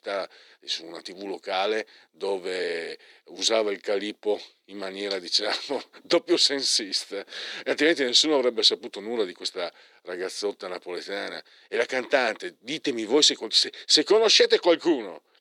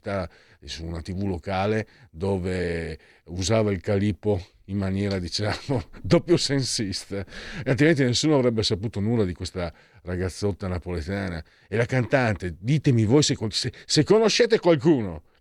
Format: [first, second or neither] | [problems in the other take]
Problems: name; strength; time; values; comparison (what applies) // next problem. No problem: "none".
second | thin; somewhat; fading below 350 Hz